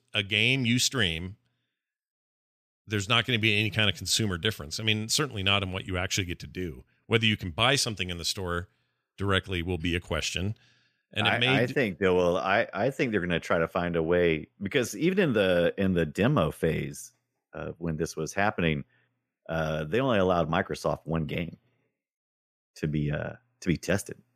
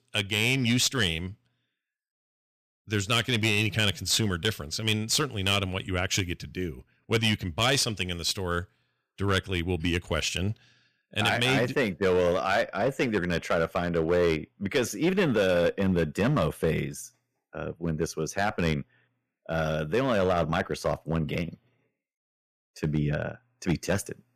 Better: first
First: none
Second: distortion; slight; 4% of the sound clipped

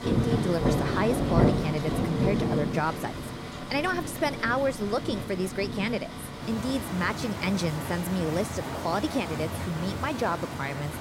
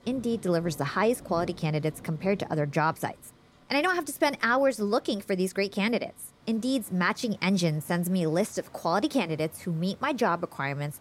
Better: second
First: rain or running water; loud; throughout; 1 dB below the speech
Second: rain or running water; faint; throughout; 25 dB below the speech

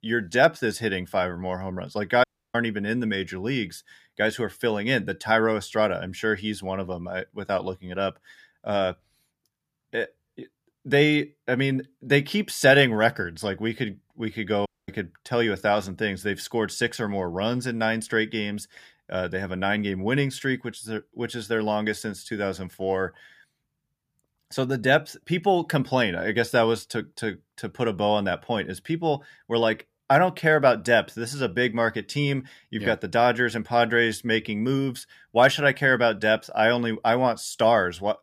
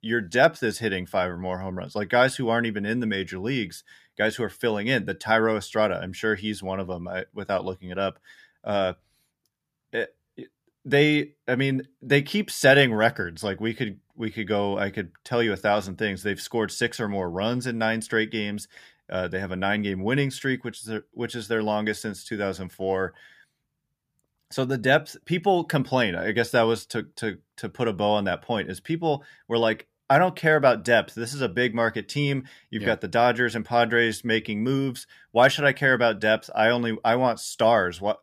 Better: second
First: audio cutting out; at 2 s and at 15 s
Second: none

